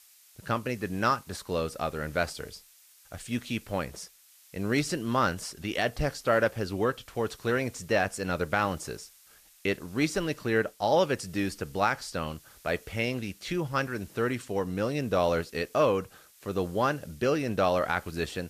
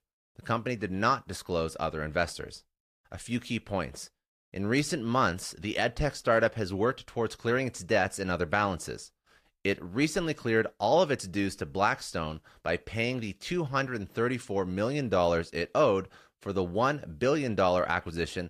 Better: second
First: hiss; faint; throughout; 25 dB below the speech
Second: none

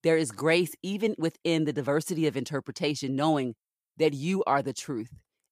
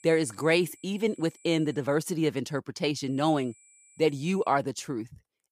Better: first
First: none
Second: high-pitched whine; faint; until 2 s and from 3 to 4.5 s; 7.5 kHz, 30 dB below the speech

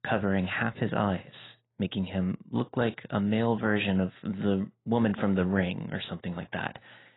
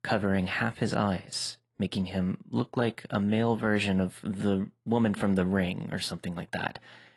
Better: second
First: garbled, watery; badly; nothing above 4 kHz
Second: garbled, watery; slightly; nothing above 11 kHz

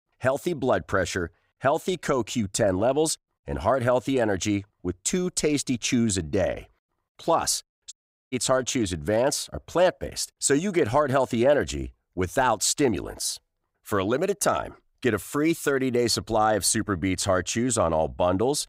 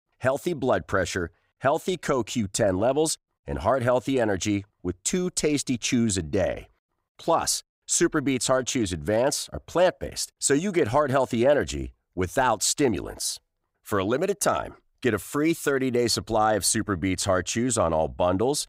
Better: second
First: audio cutting out; at 8 s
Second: none

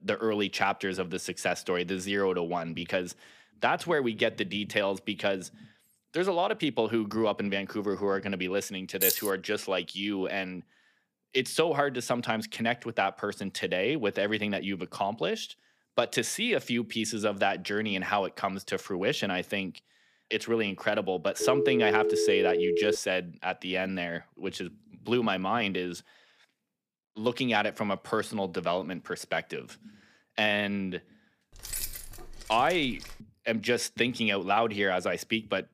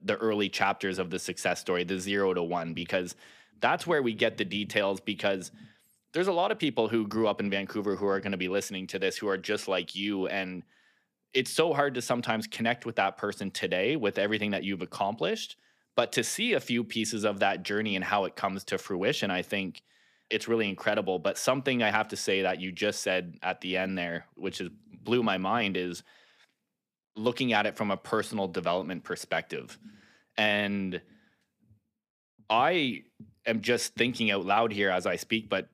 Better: second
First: jangling keys; loud; at 9 s; peak 3 dB above the speech // phone ringing; loud; from 21 to 23 s; peak 3 dB above the speech // jangling keys; noticeable; from 32 to 33 s; peak 4 dB below the speech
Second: none

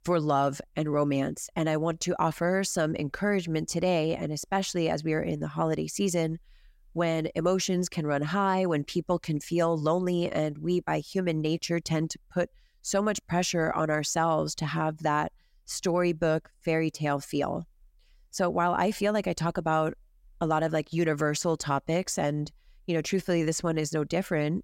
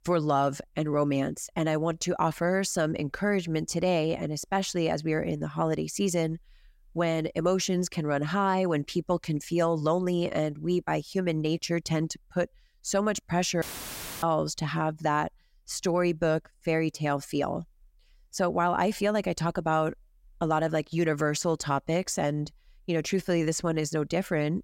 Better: first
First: none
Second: audio cutting out; filled with static; at 14 s for 0.5 s

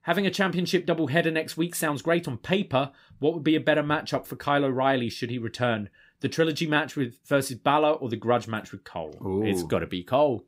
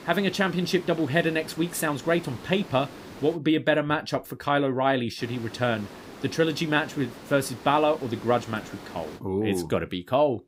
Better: first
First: none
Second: hiss; noticeable; until 3.5 s and from 5 to 9 s; 15 dB below the speech

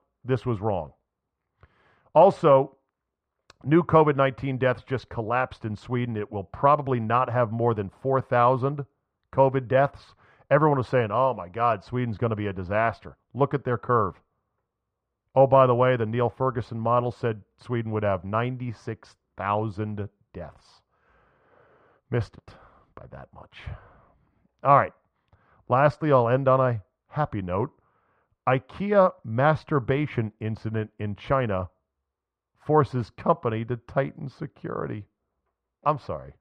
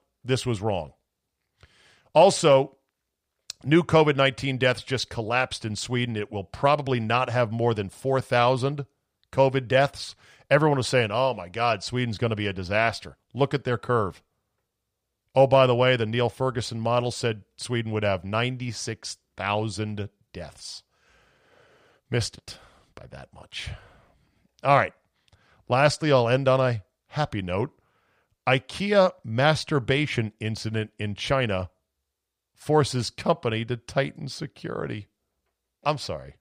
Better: second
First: muffled; very; fading above 3 kHz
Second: none

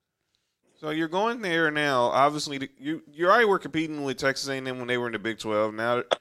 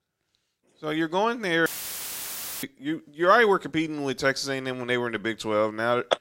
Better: first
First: none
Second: audio cutting out; filled with static; at 1.5 s for 1 s

